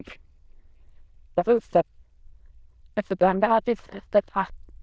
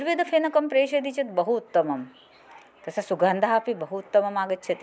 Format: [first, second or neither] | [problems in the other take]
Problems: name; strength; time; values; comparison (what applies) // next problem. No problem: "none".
second | noise reduction (neural diffusion model UNIVERSE++)